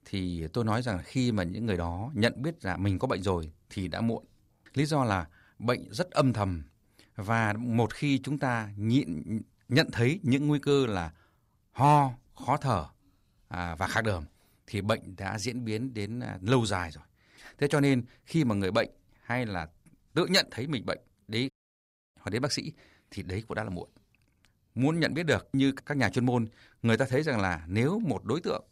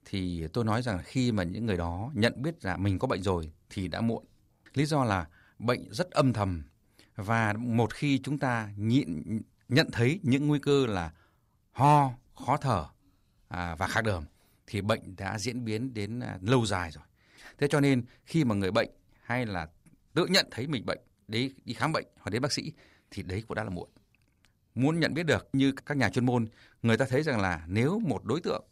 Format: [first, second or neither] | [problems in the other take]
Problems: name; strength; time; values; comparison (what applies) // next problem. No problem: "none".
second | audio cutting out; at 22 s for 0.5 s